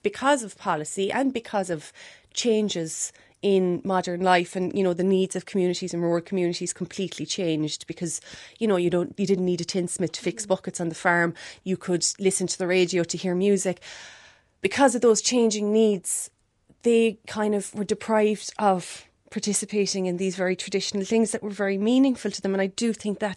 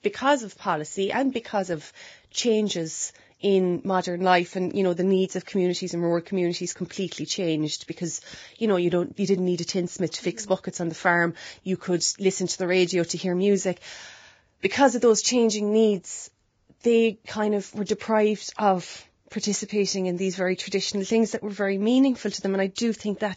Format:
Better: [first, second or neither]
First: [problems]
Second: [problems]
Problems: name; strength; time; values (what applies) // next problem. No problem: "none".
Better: first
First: garbled, watery; slightly; nothing above 10.5 kHz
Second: garbled, watery; badly; nothing above 7.5 kHz